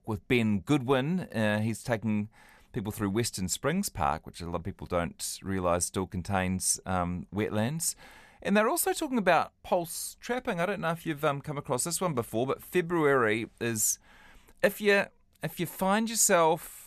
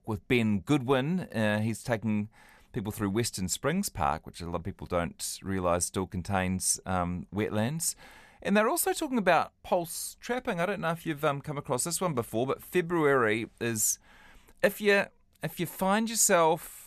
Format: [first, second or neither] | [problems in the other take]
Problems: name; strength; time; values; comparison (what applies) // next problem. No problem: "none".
neither | none